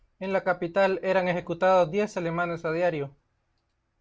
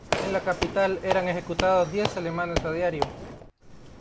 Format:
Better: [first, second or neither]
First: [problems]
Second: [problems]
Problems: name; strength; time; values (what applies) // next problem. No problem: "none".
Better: first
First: none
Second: background sound (Squeak / Walk, footsteps); 5 dB below the speech